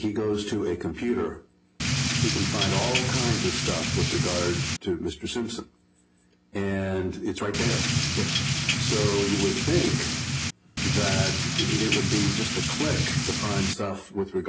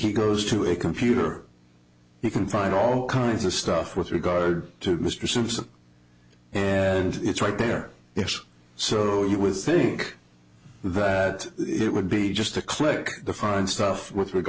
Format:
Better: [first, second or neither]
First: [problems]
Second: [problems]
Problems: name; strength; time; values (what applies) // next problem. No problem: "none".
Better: second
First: background sound (Drip / Rain); 3 dB above the speech // room echo; dies away in 0.3 s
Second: none